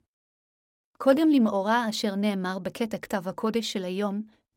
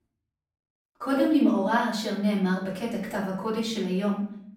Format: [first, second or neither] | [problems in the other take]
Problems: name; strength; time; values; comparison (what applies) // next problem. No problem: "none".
first | off-mic speech; far // room echo; noticeable; dies away in 0.7 s